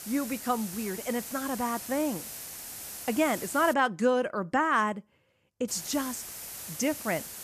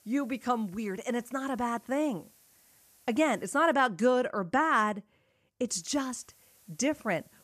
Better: second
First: hiss; loud; until 3.5 s and from 5.5 s on; 9 dB below the speech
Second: hiss; faint; until 3.5 s and from 5.5 s on; 30 dB below the speech

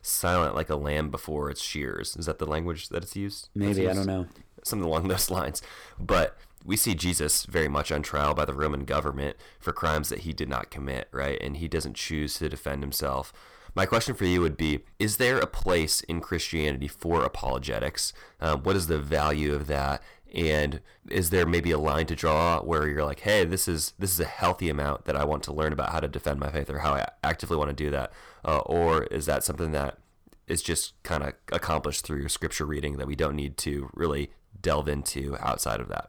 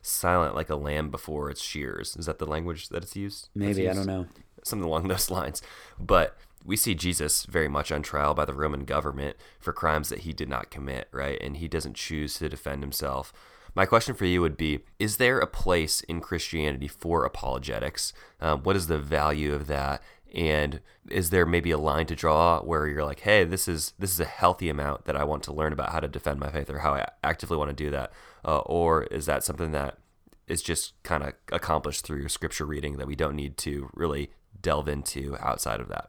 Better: second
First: distortion; slight; 3% of the sound clipped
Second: none

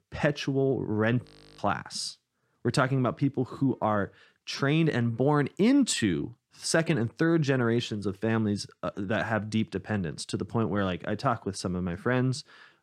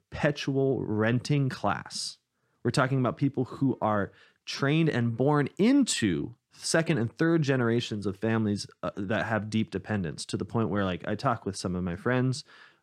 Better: second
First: audio freezing; at 1.5 s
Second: none

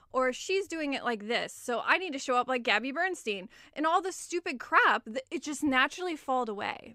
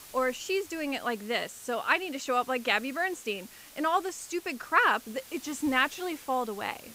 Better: first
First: none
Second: hiss; noticeable; throughout; 20 dB below the speech

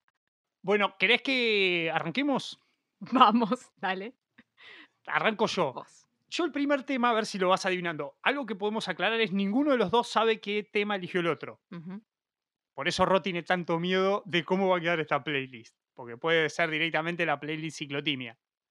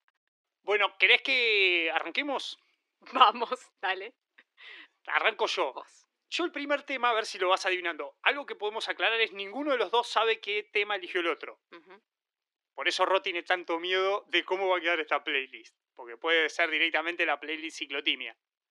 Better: first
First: none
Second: thin; somewhat; fading below 350 Hz

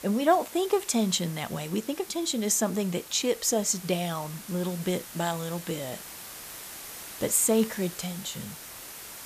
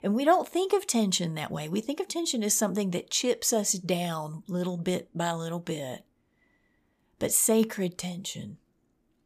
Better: second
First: hiss; noticeable; throughout; 15 dB below the speech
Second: none

